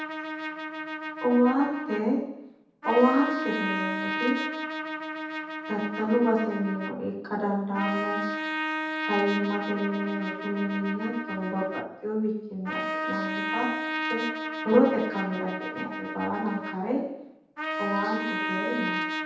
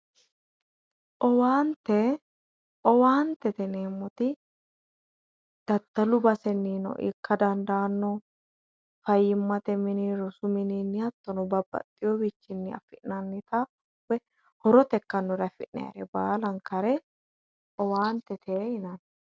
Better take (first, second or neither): second